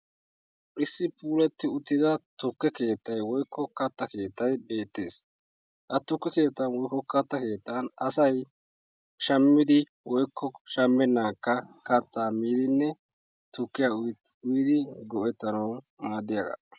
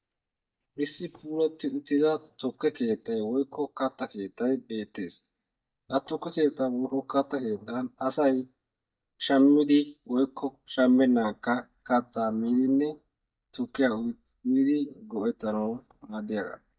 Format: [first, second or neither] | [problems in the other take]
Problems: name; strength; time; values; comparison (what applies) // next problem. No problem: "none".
first | noise reduction (neural mask model DeepFilterNet 3)